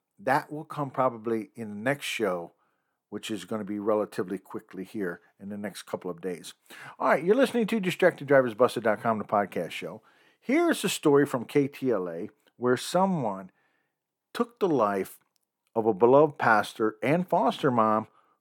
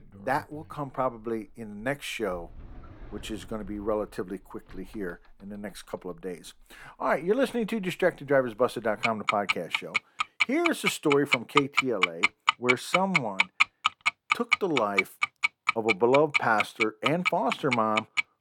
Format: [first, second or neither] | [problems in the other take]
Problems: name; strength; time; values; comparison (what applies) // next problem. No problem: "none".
first | household noises; very loud; throughout; 2 dB above the speech